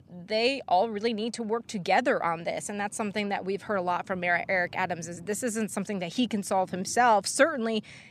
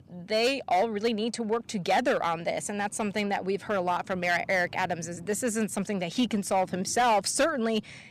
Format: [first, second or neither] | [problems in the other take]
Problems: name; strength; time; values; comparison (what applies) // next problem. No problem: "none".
first | distortion; slight; 5% of the sound clipped